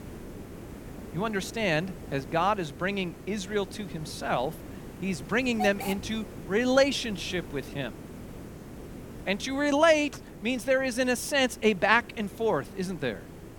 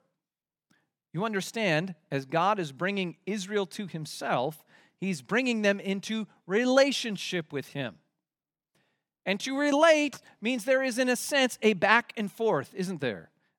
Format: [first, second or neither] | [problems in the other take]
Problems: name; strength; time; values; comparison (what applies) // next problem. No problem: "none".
second | hiss; noticeable; throughout; 15 dB below the speech